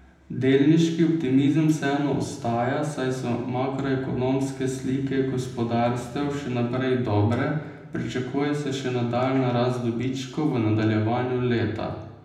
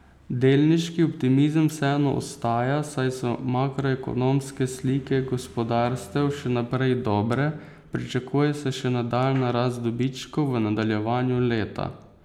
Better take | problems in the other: second | room echo; dies away in 0.8 s

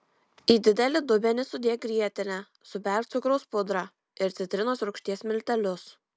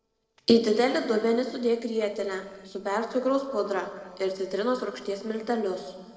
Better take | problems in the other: first | noise reduction (neural separator model SepFormer DNS4)

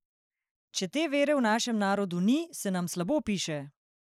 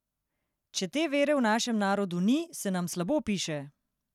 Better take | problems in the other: second | noise reduction (neural mask model Resemble Enhance denoiser)

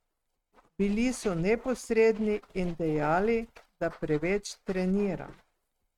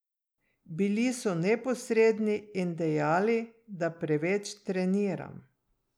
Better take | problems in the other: second | noise reduction (neural mask model RNNoise)

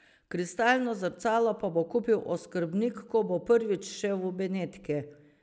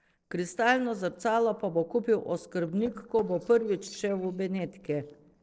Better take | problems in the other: first | noise reduction (neural separator model SepFormer DNS4)

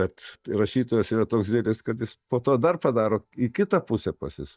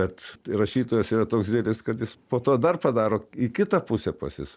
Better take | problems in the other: second | noise reduction (neural mask model DeepFilterNet 3)

